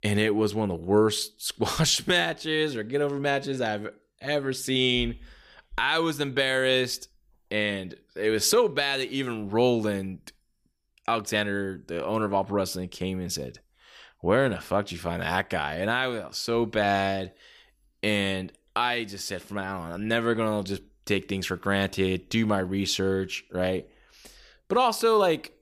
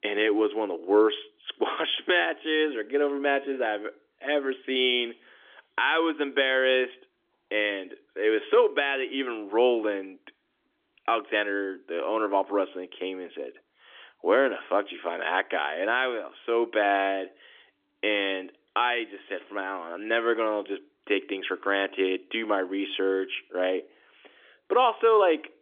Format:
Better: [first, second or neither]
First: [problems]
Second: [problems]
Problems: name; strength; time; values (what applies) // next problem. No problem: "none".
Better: first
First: none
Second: phone-call audio; nothing above 3.5 kHz